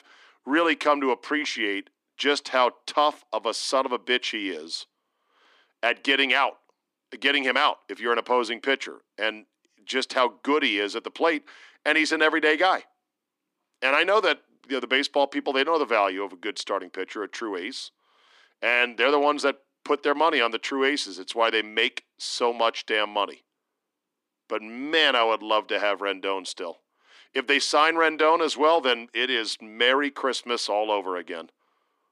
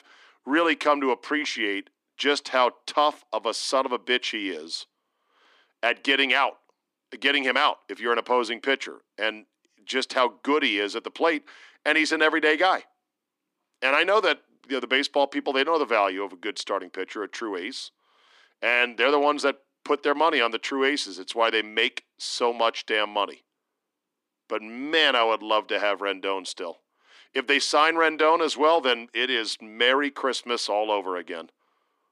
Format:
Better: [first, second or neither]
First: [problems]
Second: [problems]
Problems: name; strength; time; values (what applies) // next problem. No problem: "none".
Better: neither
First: thin; very slightly; fading below 250 Hz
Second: thin; very slightly; fading below 250 Hz